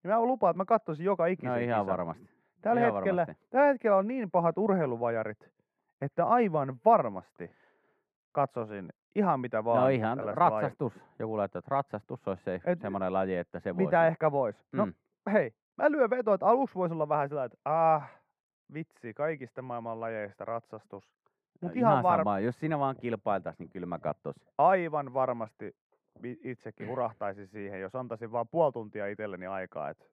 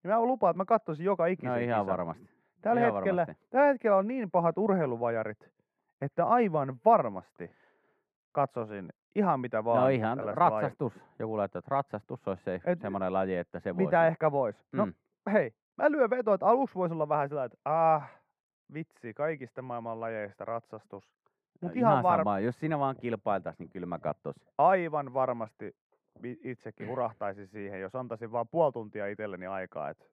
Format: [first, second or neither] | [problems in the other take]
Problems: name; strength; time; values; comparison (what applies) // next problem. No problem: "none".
neither | muffled; very; fading above 2 kHz; the same in both